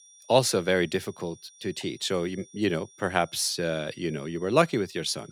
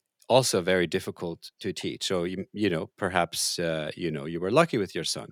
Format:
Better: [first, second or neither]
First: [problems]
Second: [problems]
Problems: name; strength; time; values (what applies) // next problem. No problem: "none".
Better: second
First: high-pitched whine; faint; throughout; 5.5 kHz, 25 dB below the speech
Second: none